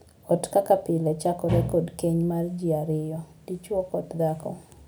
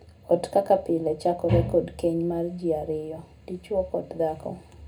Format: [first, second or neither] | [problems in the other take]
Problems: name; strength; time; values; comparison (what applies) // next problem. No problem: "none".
first | room echo; dies away in 0.2 s